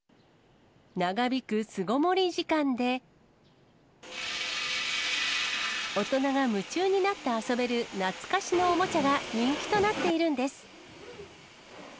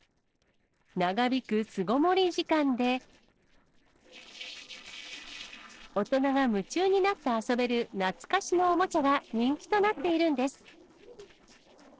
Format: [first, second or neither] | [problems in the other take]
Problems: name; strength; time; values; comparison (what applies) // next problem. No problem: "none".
first | noise reduction (neural separator model SepFormer DNS4)